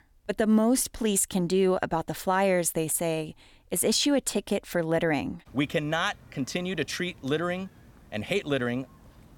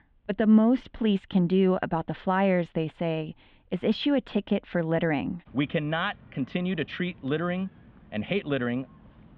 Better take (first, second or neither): first